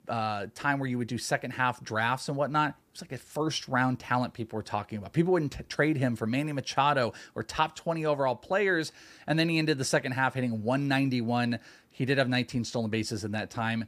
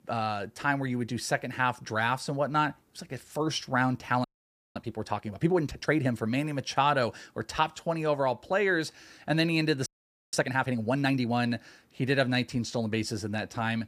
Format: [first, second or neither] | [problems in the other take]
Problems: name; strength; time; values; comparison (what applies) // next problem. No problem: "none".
first | audio freezing; at 4 s for 0.5 s and at 10 s